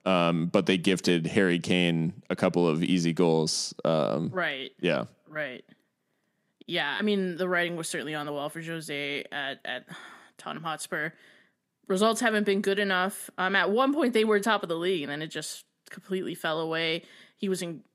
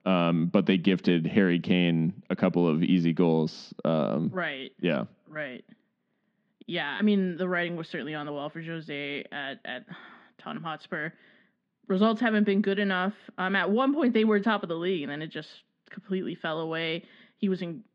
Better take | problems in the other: first | muffled; slightly; fading above 3.5 kHz

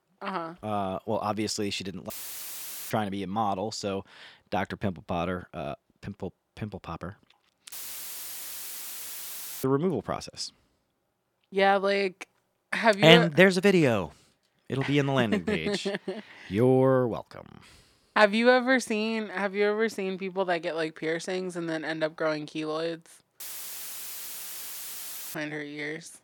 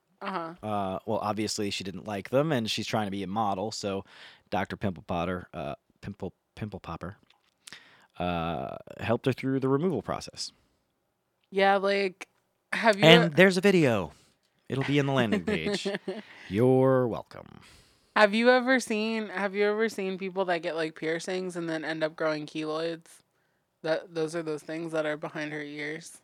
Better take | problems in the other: second | audio cutting out; filled with static; at 2 s for 1 s, at 7.5 s for 2 s and at 23 s for 2 s

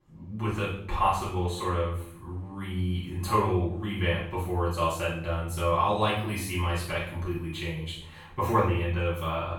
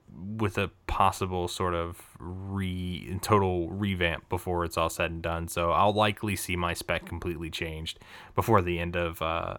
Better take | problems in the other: second | off-mic speech; far // room echo; noticeable; dies away in 0.6 s

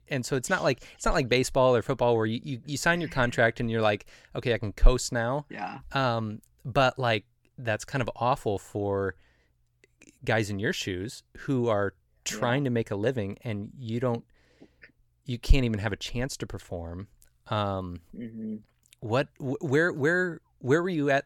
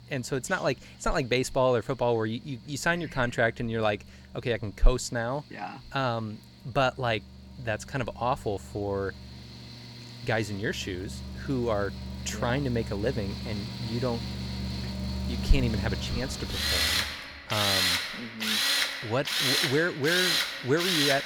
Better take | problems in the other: first | machinery noise; very loud; throughout; 1 dB above the speech

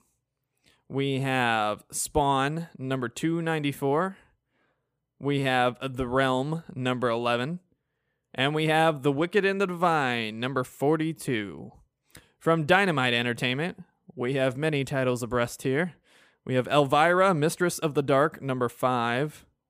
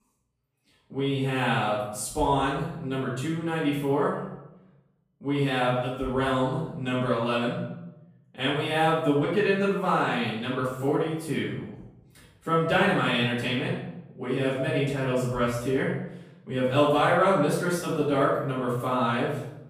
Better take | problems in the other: first | off-mic speech; far // room echo; noticeable; dies away in 0.8 s

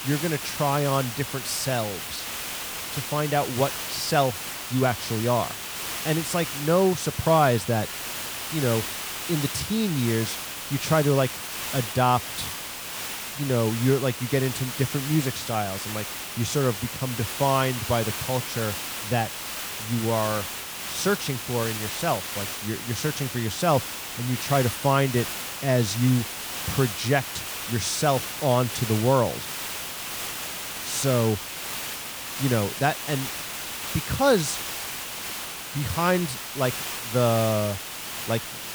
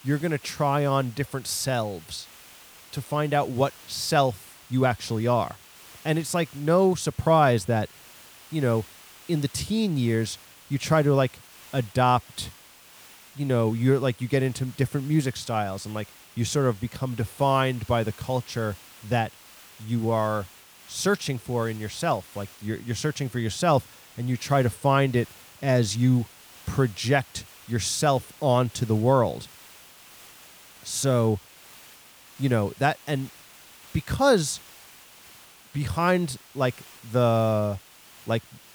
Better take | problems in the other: second | hiss; loud; throughout; 5 dB below the speech; faint in the second

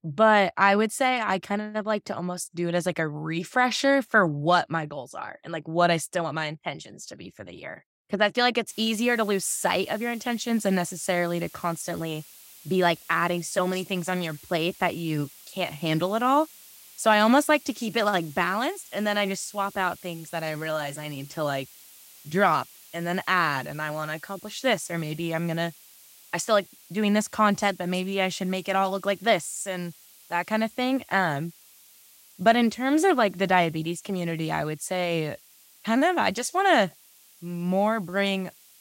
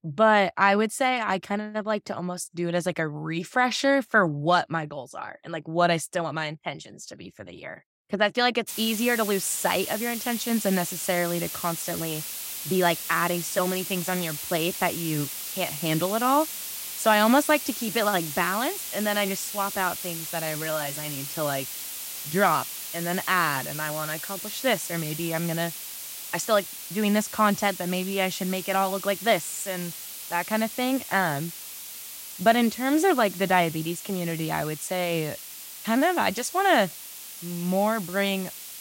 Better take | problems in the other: first | hiss; loud; from 8.5 s on; 8 dB below the speech; faint in the first

